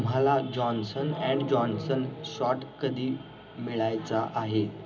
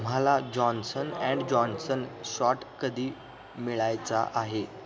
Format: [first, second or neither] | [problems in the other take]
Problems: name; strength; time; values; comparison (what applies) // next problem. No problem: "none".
second | room echo; dies away in 0.4 s